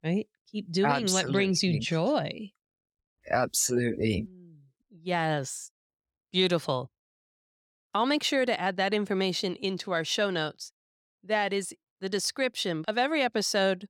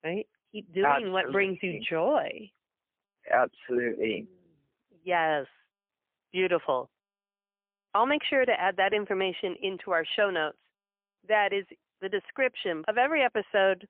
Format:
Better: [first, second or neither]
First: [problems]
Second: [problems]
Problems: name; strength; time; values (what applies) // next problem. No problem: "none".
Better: first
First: none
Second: phone-call audio; poor line; nothing above 3 kHz